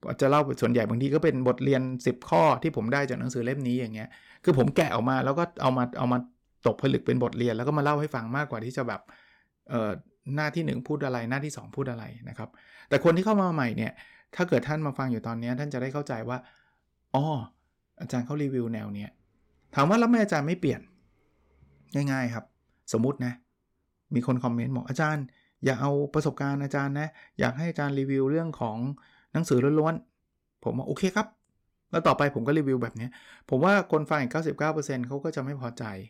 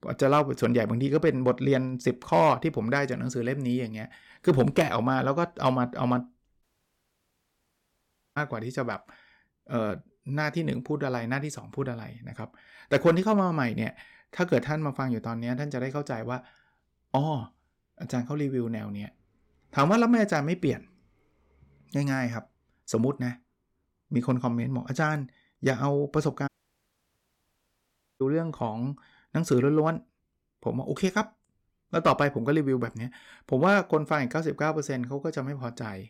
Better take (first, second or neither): first